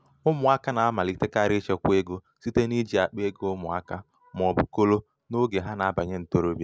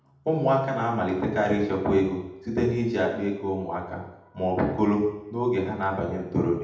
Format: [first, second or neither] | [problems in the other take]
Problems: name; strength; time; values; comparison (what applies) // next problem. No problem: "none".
first | room echo; dies away in 0.8 s